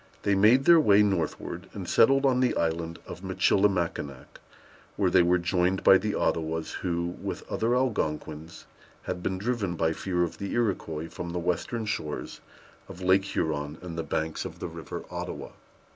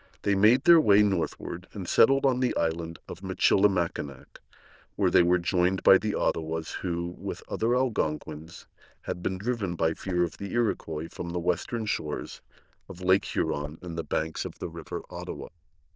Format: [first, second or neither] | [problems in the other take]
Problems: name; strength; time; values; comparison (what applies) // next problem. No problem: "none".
first | noise reduction (neural diffusion model UNIVERSE++)